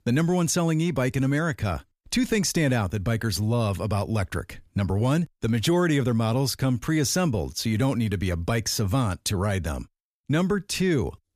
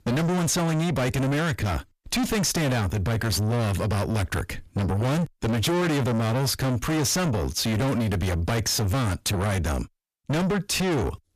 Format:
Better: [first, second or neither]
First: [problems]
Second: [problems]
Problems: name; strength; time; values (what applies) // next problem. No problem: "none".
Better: first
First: none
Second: distortion; heavy; 7 dB below the speech